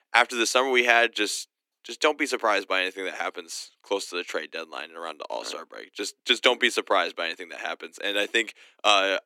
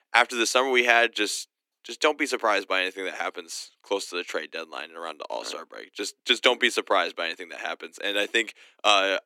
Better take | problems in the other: neither | thin; somewhat; fading below 300 Hz; the same in both

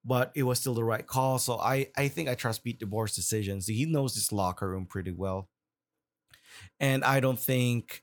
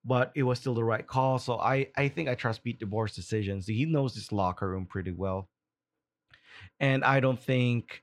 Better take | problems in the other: first | muffled; slightly; fading above 2.5 kHz

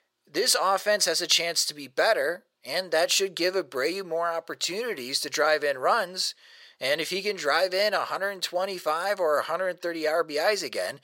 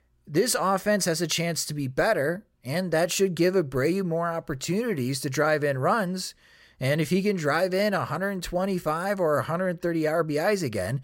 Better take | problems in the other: second | thin; very; fading below 550 Hz

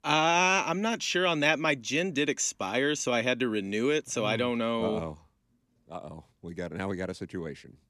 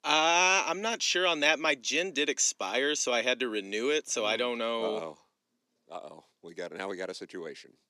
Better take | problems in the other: first | thin; very slightly; fading below 400 Hz

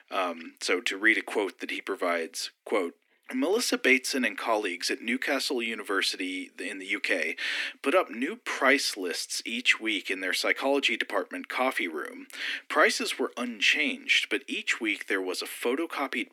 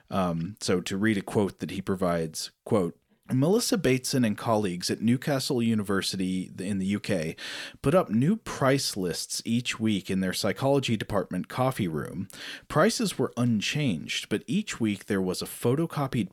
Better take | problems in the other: second | thin; somewhat; fading below 250 Hz

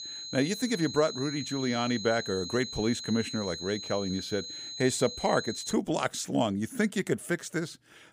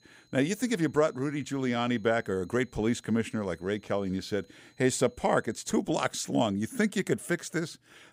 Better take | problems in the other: second | high-pitched whine; loud; until 5.5 s; 4 kHz, 7 dB below the speech; faint in the second

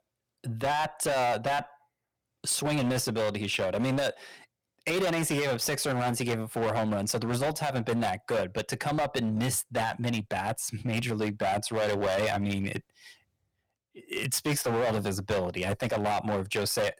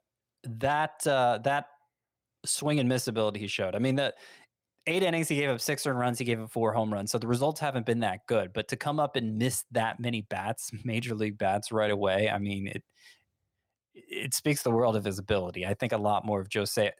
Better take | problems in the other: second | distortion; heavy; 16% of the sound clipped

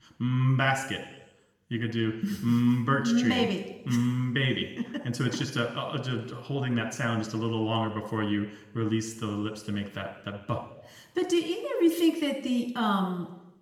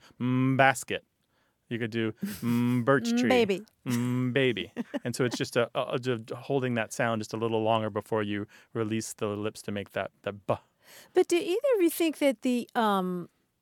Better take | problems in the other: second | room echo; slight; dies away in 0.8 s // off-mic speech; somewhat distant

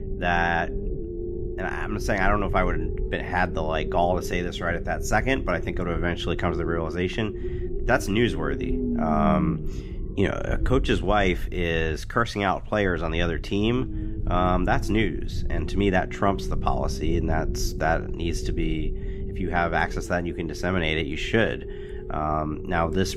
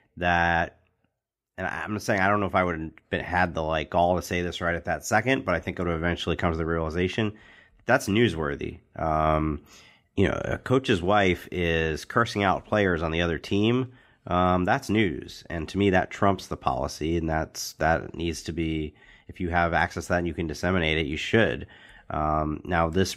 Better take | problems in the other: second | low rumble; noticeable; throughout; 10 dB below the speech

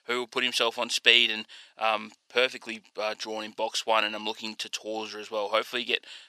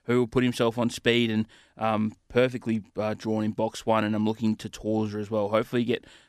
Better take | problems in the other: second | thin; very; fading below 650 Hz

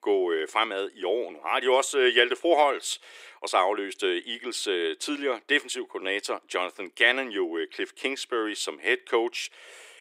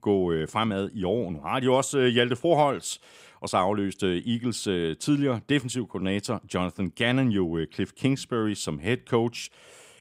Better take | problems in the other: second | thin; very; fading below 350 Hz

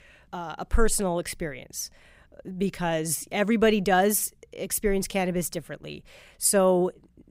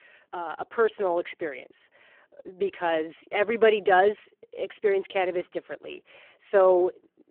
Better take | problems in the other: first | phone-call audio; poor line

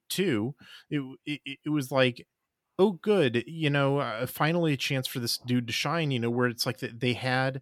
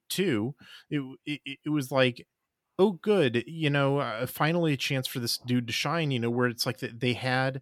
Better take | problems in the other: neither | none

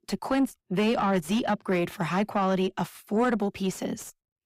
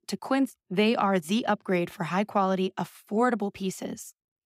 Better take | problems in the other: second | distortion; slight; 10 dB below the speech

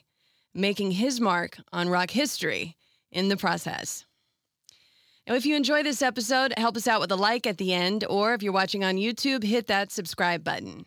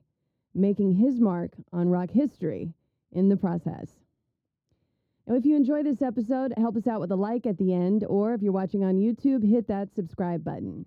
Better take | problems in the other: first | muffled; very; fading above 1 kHz

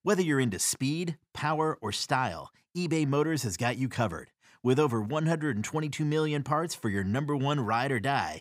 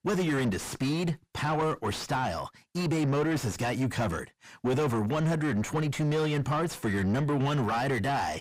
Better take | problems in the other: first | distortion; heavy; 5 dB below the speech

